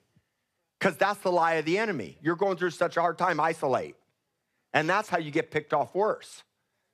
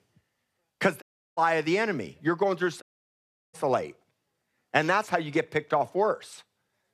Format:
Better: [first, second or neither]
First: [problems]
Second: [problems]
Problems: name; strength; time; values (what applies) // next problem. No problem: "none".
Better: first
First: none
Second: audio cutting out; at 1 s and at 3 s for 0.5 s